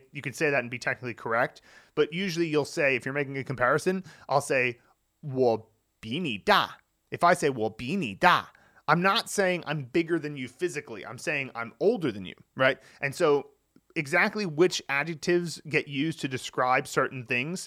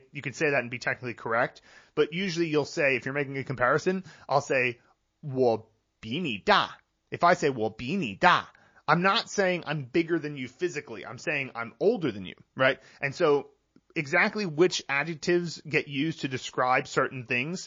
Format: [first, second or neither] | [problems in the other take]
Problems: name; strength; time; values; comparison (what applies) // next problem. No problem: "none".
first | garbled, watery; slightly; nothing above 6.5 kHz